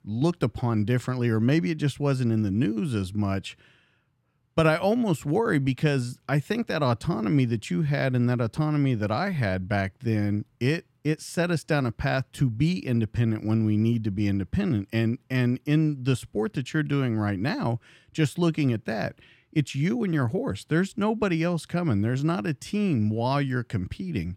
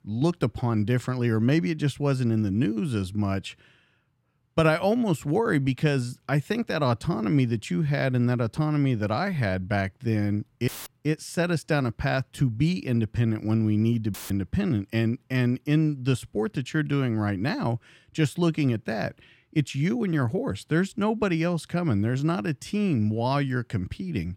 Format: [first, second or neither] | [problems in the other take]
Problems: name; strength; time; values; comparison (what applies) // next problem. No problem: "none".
first | audio cutting out; filled with static; at 11 s and at 14 s